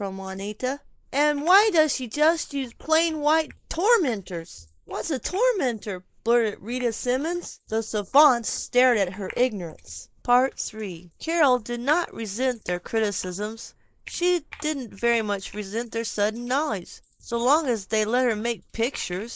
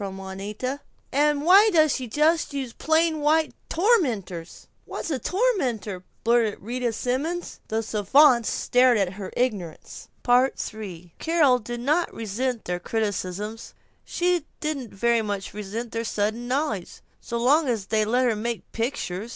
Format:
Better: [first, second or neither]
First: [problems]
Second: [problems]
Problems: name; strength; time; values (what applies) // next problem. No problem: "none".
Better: second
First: noise reduction (neural mask model Resemble Enhance denoiser)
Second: none